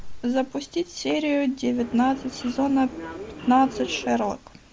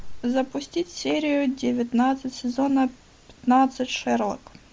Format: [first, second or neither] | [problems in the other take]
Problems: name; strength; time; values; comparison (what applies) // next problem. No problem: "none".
second | background sound (Subway, metro, underground); 13 dB below the speech